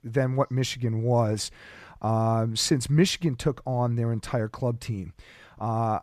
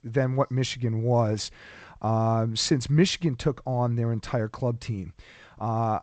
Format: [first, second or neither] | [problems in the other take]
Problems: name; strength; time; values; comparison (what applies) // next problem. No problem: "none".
first | garbled, watery; slightly; nothing above 8 kHz